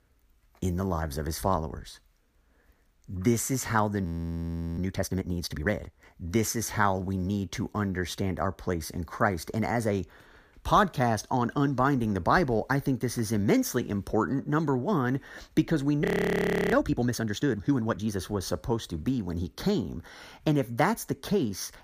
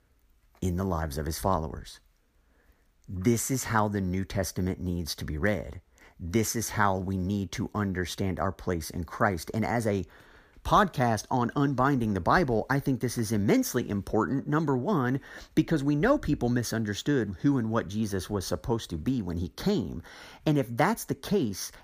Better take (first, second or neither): second